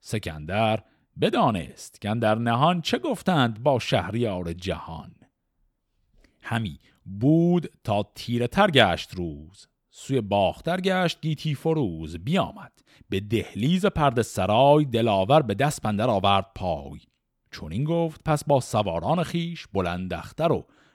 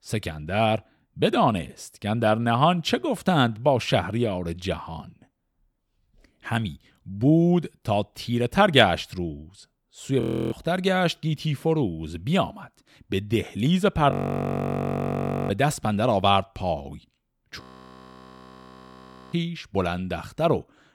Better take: first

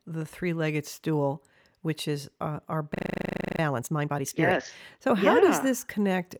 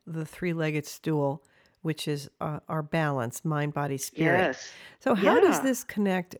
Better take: second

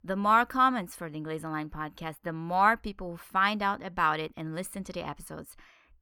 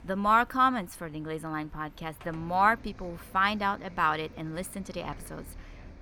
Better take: first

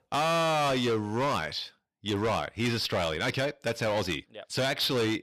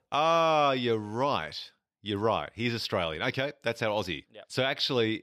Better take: second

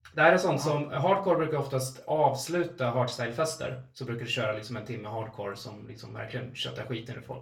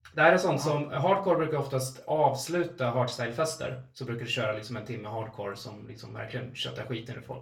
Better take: neither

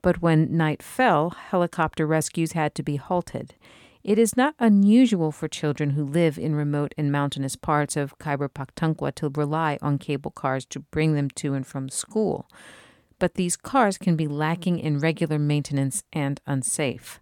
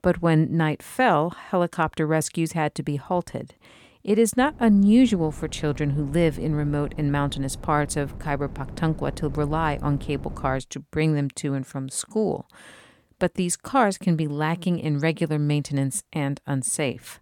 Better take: first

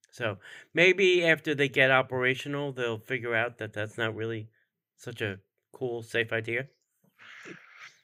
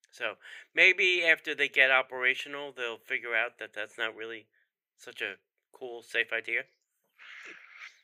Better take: first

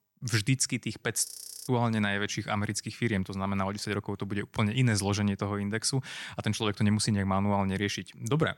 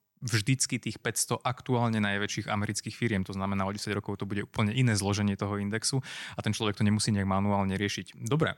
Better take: second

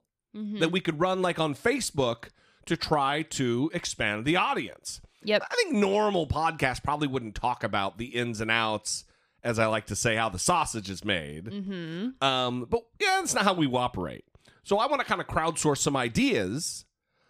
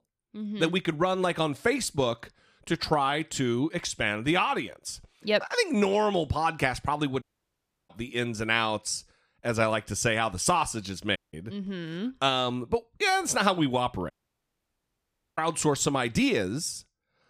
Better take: first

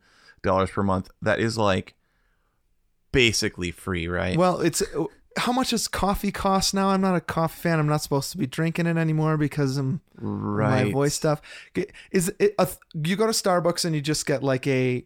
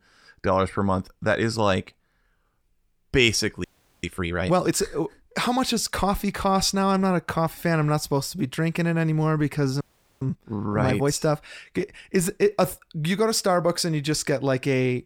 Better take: first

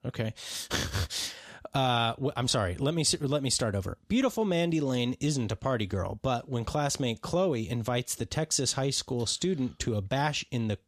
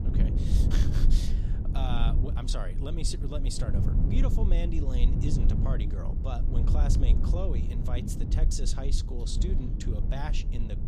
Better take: first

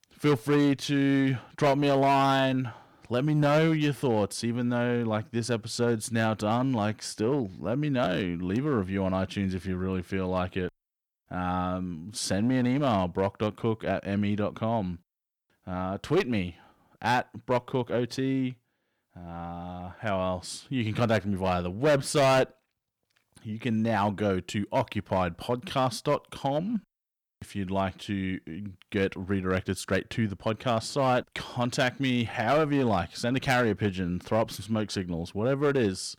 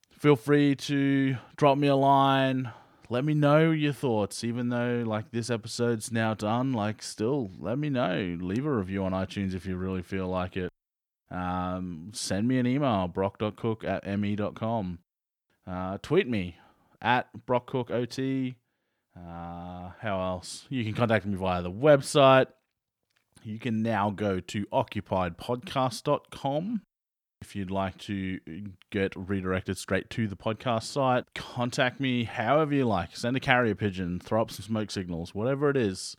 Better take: second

